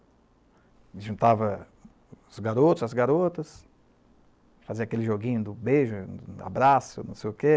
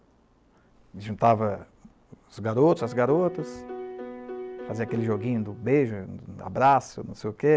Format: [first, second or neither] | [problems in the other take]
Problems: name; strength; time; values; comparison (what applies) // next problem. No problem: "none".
first | background sound (Piano); 11 dB below the speech